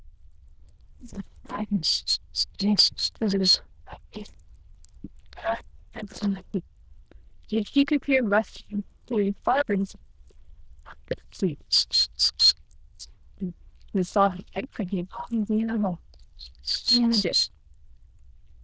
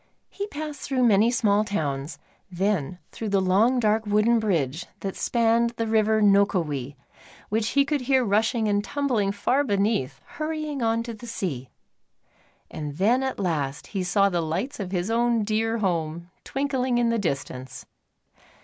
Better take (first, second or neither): second